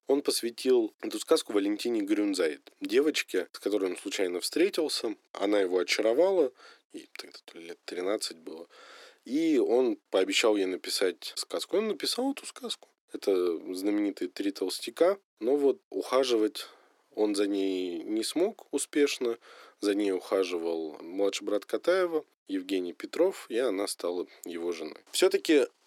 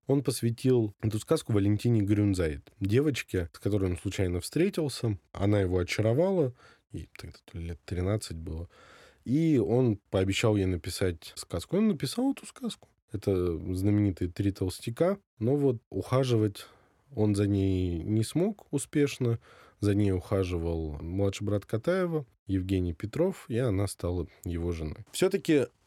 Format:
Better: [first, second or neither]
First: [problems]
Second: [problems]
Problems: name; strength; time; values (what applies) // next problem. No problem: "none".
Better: second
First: thin; somewhat; fading below 300 Hz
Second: none